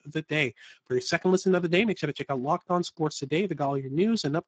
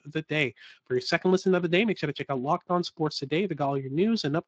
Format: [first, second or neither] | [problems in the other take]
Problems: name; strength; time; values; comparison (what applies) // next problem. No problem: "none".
second | garbled, watery; badly; nothing above 7.5 kHz; slightly in the second